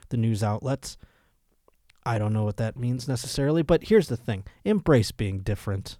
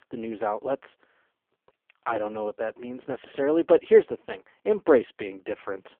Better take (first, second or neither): first